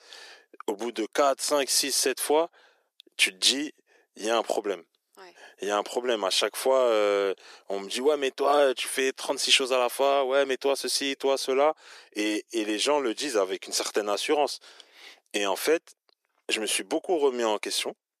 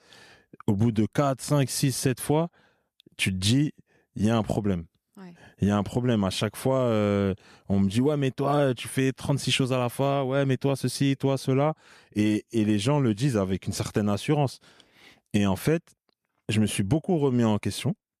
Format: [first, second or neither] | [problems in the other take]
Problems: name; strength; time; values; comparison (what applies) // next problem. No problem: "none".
second | thin; very; fading below 350 Hz